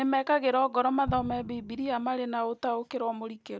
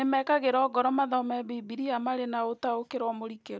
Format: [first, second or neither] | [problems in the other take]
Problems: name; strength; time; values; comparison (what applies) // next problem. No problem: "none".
second | background sound (Explosion); 13 dB below the speech